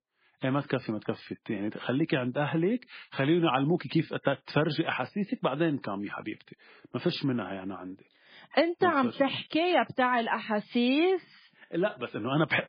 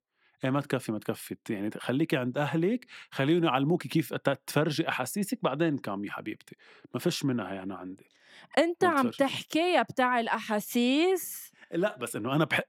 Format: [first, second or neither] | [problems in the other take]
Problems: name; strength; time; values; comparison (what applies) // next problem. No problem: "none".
second | garbled, watery; badly